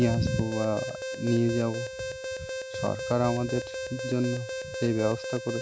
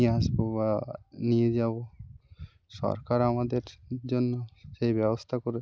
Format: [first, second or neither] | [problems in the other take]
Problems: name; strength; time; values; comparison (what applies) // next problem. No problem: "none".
second | background sound (Alarm); 7 dB below the speech